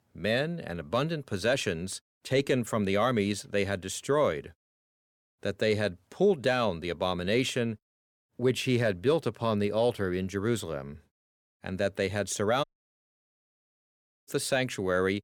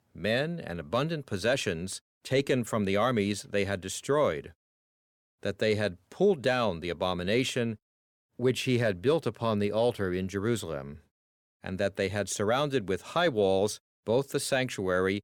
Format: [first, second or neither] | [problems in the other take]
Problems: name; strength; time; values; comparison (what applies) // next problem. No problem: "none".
second | audio cutting out; at 13 s for 1.5 s